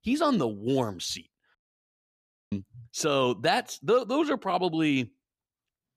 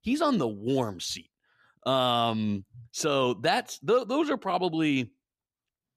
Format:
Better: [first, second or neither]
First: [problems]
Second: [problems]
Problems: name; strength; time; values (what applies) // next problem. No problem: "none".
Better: second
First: audio cutting out; at 1.5 s for 1 s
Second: none